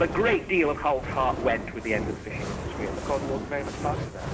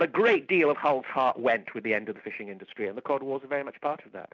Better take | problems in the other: second | background sound (Fire); 5 dB below the speech // room echo; dies away in 2.3 s

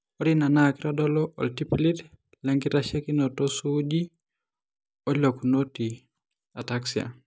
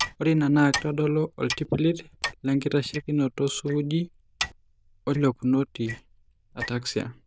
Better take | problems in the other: first | noise reduction (neural diffusion model UNIVERSE++)

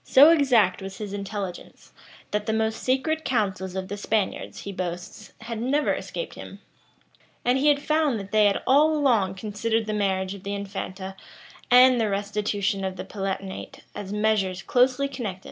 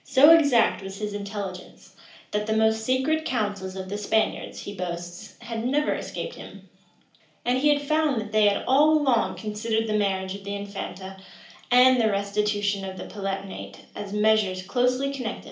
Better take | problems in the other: first | room echo; dies away in 0.4 s

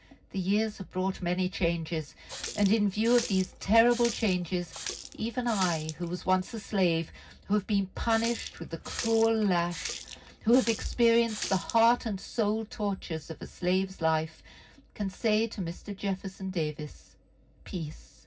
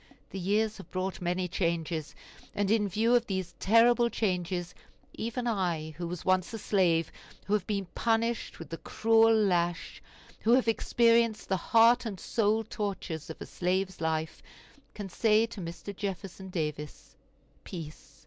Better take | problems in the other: second | background sound (Water tap, faucet); 12 dB below the speech // room echo; dies away in 0.4 s

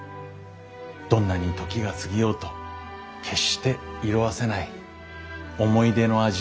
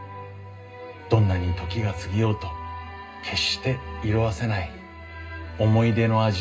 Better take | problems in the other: first | room echo; dies away in 0.2 s

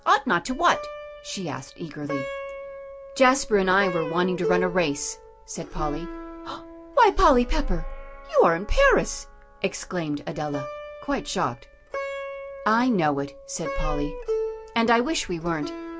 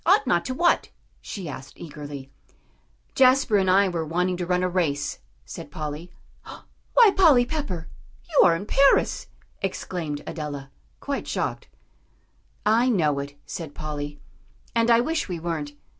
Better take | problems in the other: second | background sound (Plucked string instrument); 11 dB below the speech

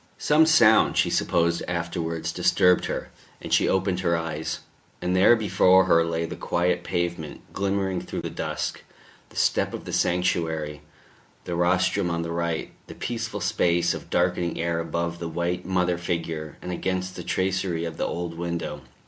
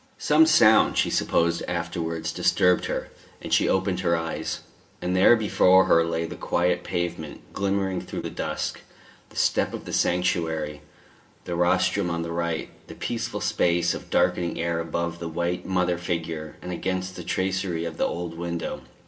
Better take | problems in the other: first | room echo; dies away in 0.2 s

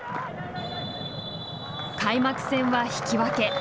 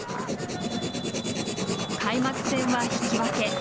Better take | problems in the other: first | background sound (Writing); 1 dB below the speech

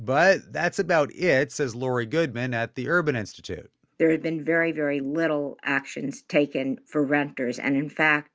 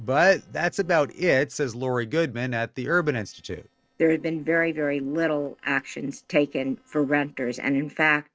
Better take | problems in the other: first | noise reduction (neural separator model SepFormer DNS4)

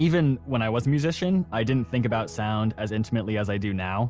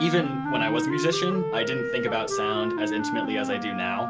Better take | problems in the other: first | background sound (Wind instrument, woodwind instrument); 1 dB below the speech // room echo; dies away in 0.2 s

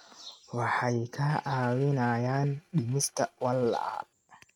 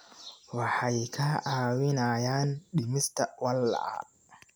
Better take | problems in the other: second | noise reduction (neural mask model RNNoise)

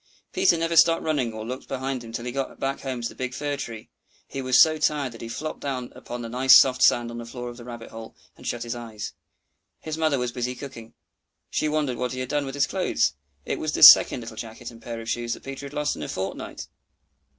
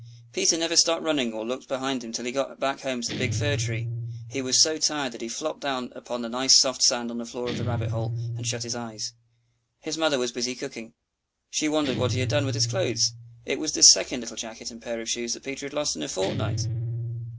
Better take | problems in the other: first | background sound (Guitar); 7 dB below the speech

